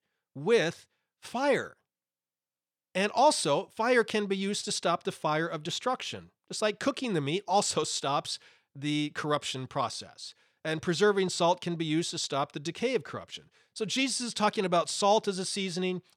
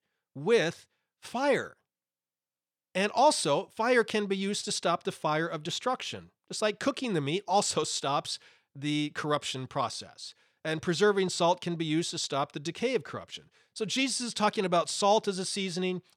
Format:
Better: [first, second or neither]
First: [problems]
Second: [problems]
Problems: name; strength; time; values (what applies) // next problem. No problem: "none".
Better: neither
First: none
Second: none